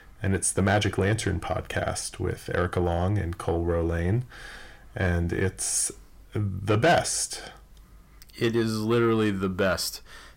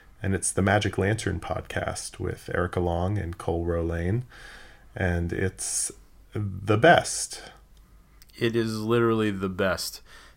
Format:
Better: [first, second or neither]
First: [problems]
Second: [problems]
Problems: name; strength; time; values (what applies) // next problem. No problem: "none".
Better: second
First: distortion; slight; 10 dB below the speech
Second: none